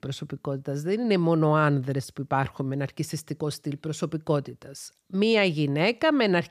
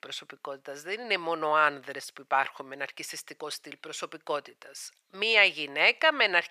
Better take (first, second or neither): first